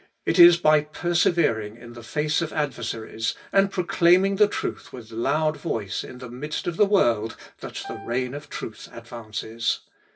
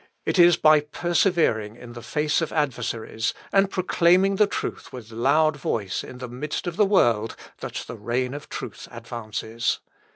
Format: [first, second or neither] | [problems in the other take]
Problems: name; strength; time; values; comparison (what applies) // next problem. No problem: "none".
second | background sound (Piano); 18 dB below the speech // room echo; dies away in 0.1 s